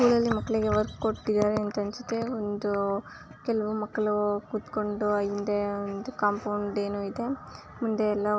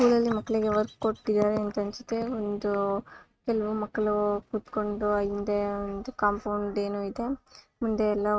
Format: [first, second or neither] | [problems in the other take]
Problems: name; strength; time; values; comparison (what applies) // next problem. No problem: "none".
first | noise reduction (neural mask model RNNoise)